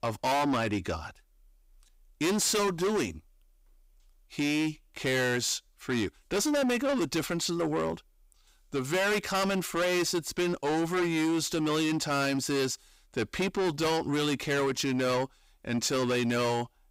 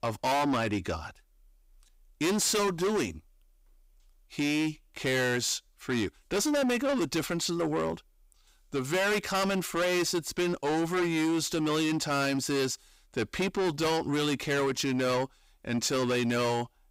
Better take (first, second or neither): neither